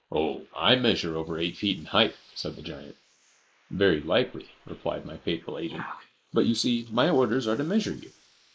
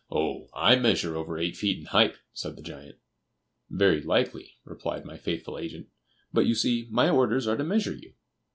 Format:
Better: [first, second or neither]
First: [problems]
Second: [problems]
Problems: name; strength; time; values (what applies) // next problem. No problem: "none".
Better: second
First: noise reduction (neural mask model Resemble Enhance denoiser)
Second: none